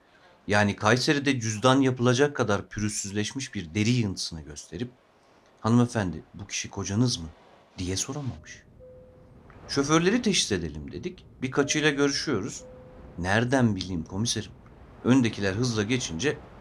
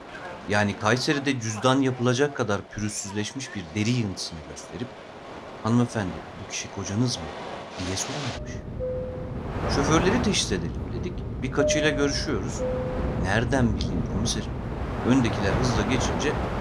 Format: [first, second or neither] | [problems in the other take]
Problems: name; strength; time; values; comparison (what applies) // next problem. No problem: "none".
first | train or aircraft noise; loud; throughout; 5 dB below the speech; faint in the first